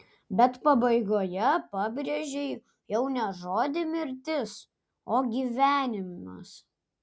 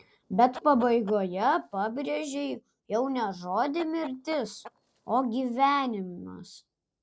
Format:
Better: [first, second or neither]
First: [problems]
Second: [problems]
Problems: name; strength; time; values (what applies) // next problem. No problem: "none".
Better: first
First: none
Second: noise reduction (neural separator model SepFormer DNS4)